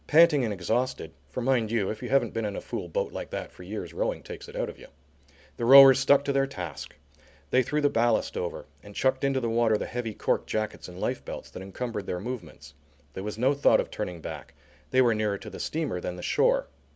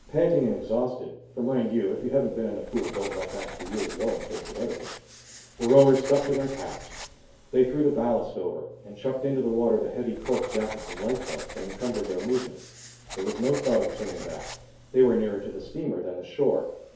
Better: first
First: none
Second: background sound (Writing); 16 dB below the speech // room echo; dies away in 2.4 s

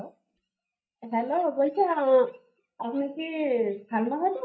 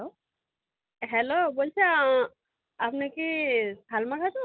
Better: second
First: noise reduction (neural mask model DeepFilterNet 3)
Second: none

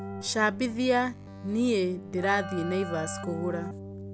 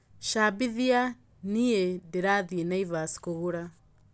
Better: second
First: background sound (Keyboard (musical)); 10 dB below the speech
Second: none

